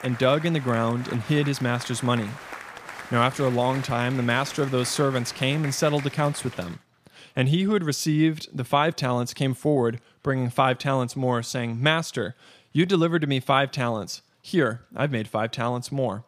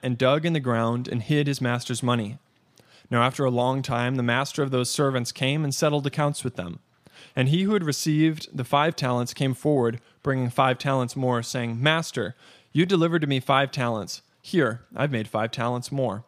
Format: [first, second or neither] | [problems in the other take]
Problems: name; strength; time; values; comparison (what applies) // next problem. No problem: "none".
second | crowd noise; noticeable; until 6.5 s; 15 dB below the speech